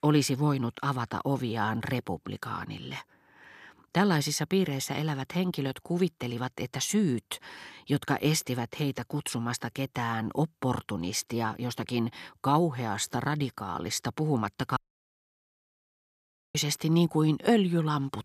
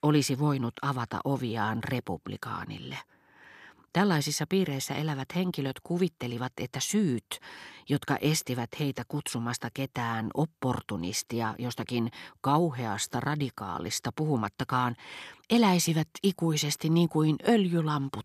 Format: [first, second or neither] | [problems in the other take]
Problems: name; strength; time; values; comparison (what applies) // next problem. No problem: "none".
second | audio cutting out; at 15 s for 2 s